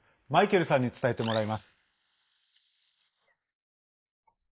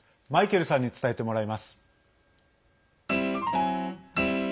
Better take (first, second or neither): second